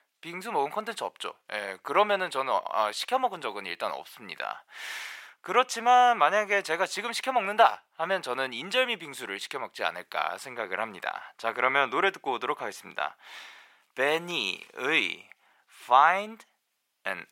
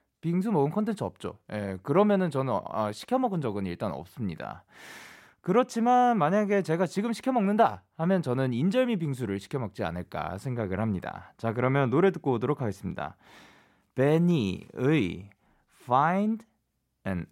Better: second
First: thin; very; fading below 850 Hz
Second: none

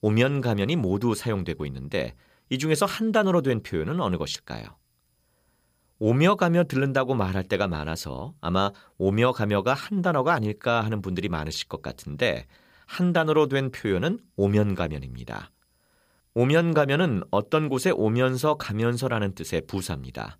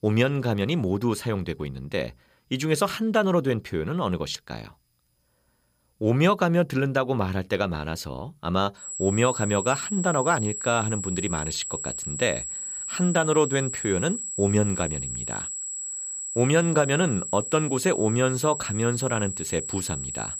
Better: first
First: none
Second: high-pitched whine; loud; from 9 s on; 8 kHz, 5 dB below the speech

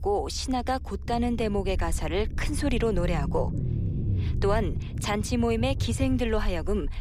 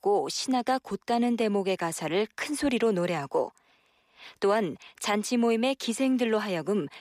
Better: second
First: low rumble; noticeable; throughout; 15 dB below the speech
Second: none

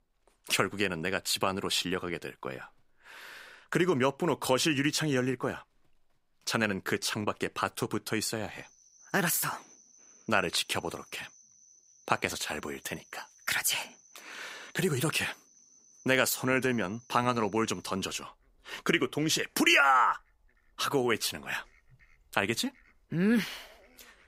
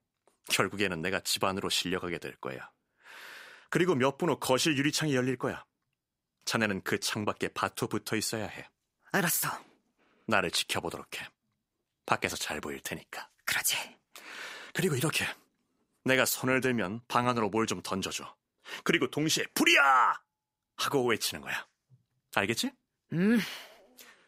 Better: second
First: animal sounds; faint; throughout; 30 dB below the speech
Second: none

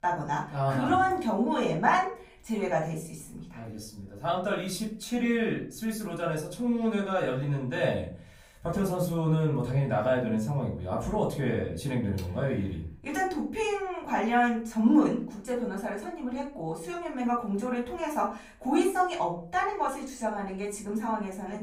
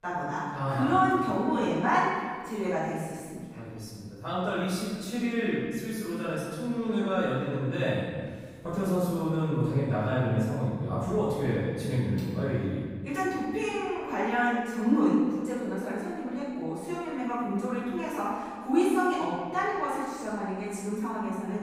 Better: first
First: room echo; slight; dies away in 0.4 s // off-mic speech; far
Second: room echo; strong; dies away in 1.6 s // off-mic speech; far

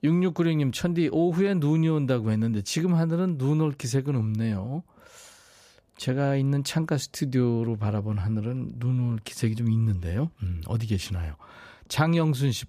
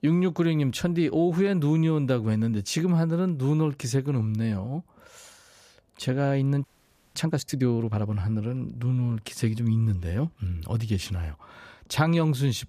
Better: first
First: none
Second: audio freezing; at 6.5 s for 0.5 s

